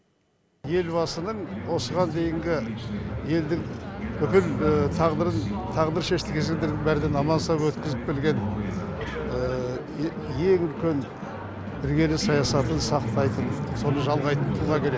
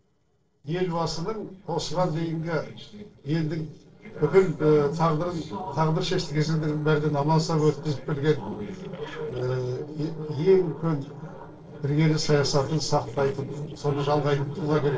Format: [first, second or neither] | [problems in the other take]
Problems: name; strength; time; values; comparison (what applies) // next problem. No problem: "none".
first | noise reduction (neural separator model SepFormer DNS4)